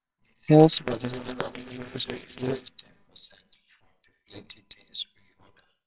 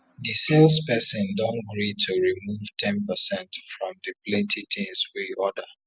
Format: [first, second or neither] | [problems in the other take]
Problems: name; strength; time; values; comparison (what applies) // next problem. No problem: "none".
second | noise reduction (neural separator model SepFormer WHAMR!)